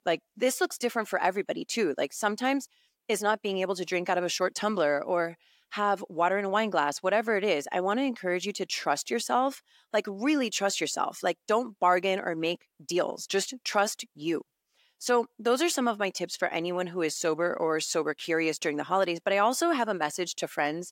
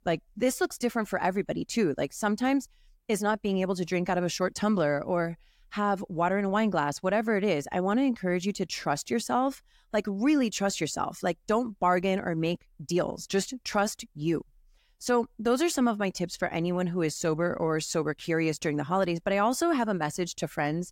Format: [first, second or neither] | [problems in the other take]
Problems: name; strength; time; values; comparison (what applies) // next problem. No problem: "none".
second | thin; very slightly; fading below 350 Hz